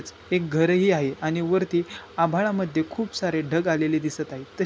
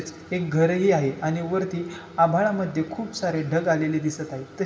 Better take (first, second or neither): first